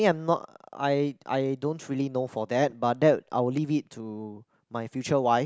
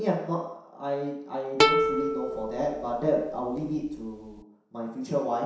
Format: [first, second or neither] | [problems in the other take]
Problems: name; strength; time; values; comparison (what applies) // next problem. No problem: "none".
first | background sound (Plucked string instrument); 2 dB above the speech // room echo; dies away in 0.7 s